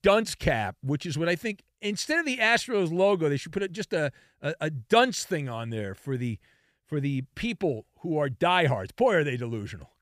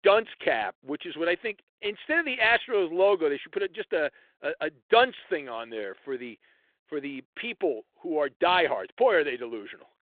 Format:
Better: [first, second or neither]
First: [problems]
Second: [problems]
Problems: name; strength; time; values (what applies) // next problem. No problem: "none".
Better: first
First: none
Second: phone-call audio; nothing above 3.5 kHz